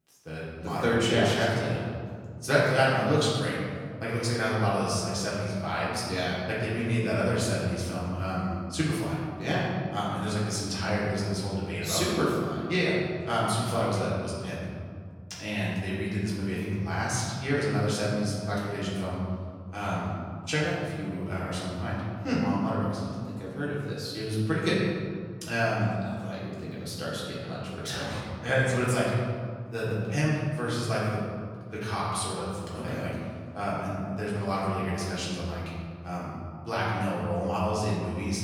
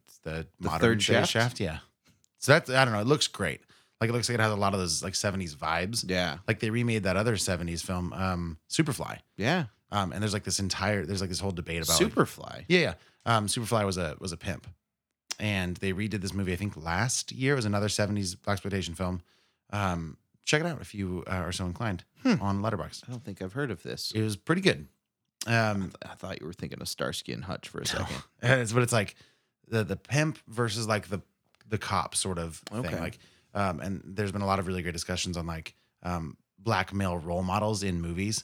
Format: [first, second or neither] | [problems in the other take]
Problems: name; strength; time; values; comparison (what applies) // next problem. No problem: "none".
second | off-mic speech; far // room echo; noticeable; dies away in 2 s